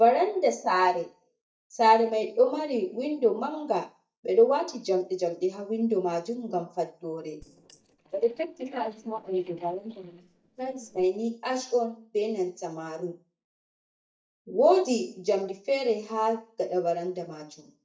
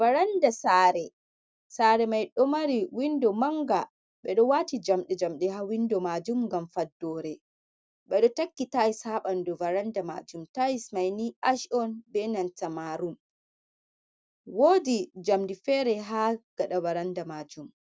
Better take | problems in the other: second | noise reduction (neural mask model DeepFilterNet 3)

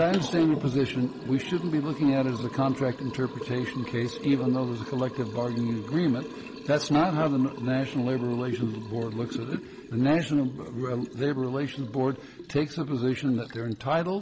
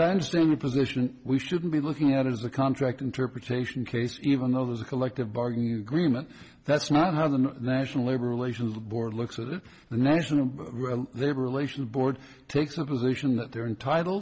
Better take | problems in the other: second | background sound (Liquid); 11 dB below the speech

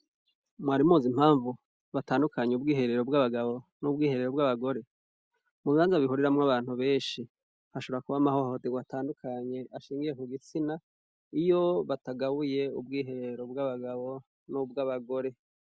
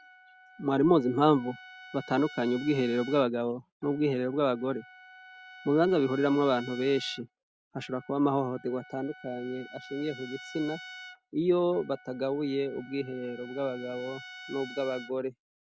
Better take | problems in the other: first | background sound (Trumpet); 18 dB below the speech

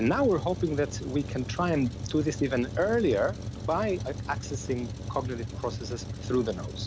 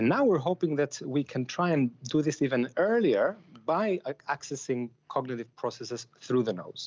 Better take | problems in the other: second | background sound (Truck); 7 dB below the speech

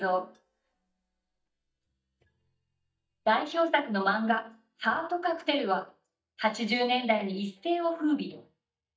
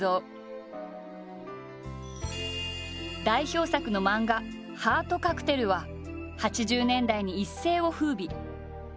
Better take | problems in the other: second | noise reduction (neural mask model DeepFilterNet 3)

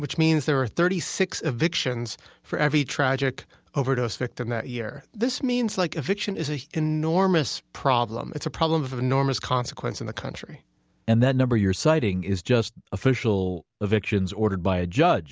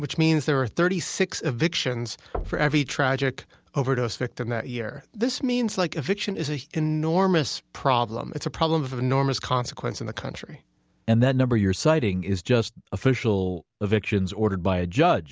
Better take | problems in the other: first | background sound (Knock); 15 dB below the speech

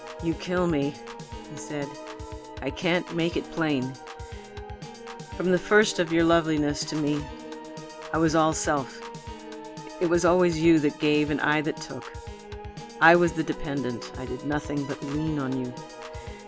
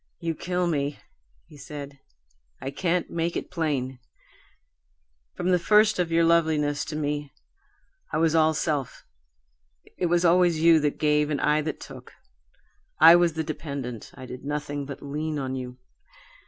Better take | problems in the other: second | background sound (Piano / Organ); 12 dB below the speech

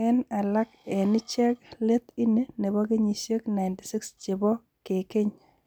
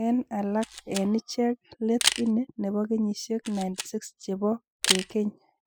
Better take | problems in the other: first | noise reduction (classical method spectral subtraction)

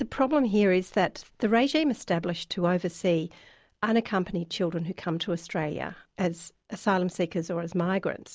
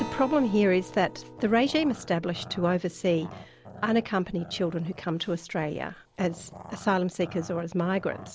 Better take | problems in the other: first | background sound (Growling + Acoustic guitar); 16 dB below the speech

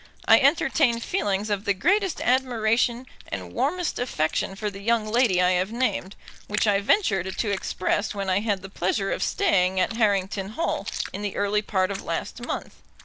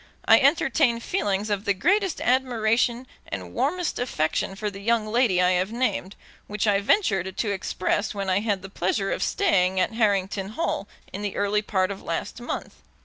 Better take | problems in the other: second | background sound (Chewing, mastication); 15 dB below the speech

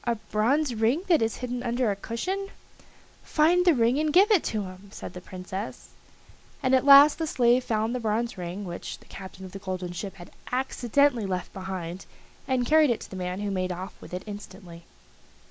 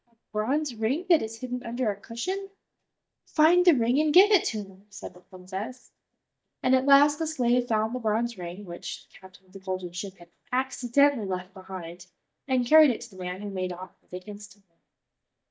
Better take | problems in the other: first | noise reduction (neural mask model DeepFilterNet 3)

